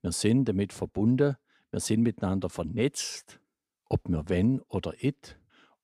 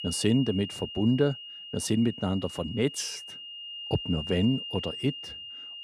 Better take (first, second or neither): first